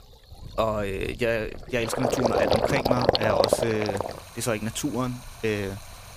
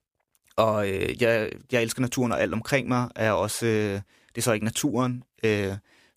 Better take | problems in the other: second | rain or running water; very loud; throughout; 3 dB above the speech

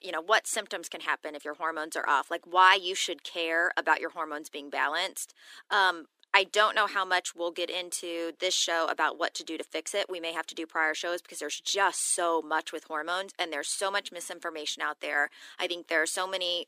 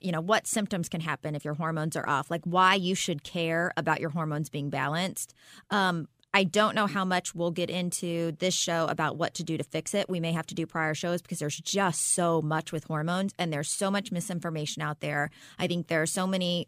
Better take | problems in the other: second | thin; very; fading below 300 Hz

